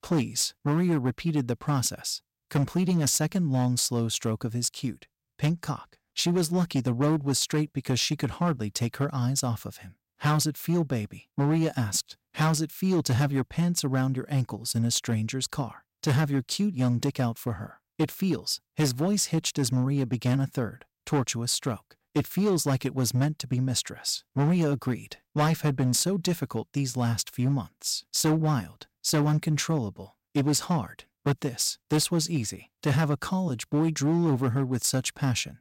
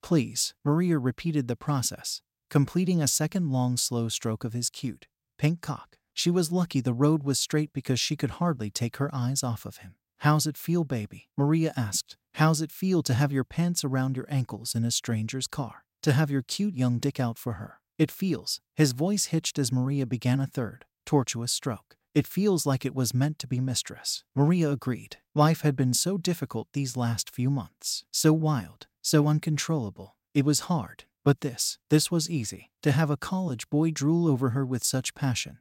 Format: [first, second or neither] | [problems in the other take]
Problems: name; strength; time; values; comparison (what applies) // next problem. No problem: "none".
second | distortion; slight; 7% of the sound clipped